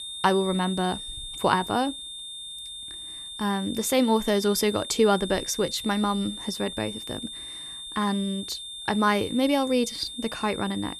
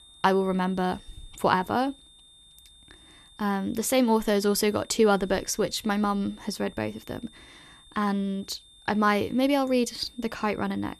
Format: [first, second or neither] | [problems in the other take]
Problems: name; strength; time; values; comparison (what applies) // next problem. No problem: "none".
second | high-pitched whine; loud; throughout; 3.5 kHz, 9 dB below the speech; faint in the second